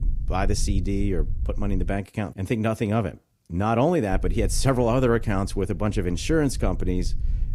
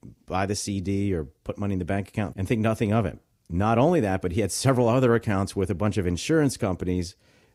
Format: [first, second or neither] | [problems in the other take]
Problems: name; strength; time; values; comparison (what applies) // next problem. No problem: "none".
second | low rumble; faint; until 2 s and from 4 s on; 25 dB below the speech